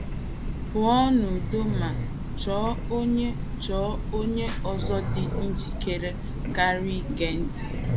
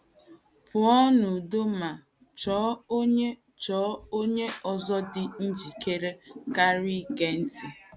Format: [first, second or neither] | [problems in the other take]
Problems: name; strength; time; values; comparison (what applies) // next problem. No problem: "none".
second | background sound (Train); 1 dB below the speech